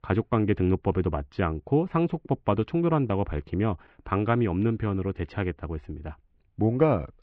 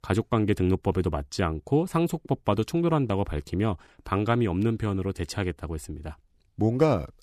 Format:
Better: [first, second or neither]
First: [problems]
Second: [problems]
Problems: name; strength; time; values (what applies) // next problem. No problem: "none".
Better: second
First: muffled; very; fading above 3 kHz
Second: none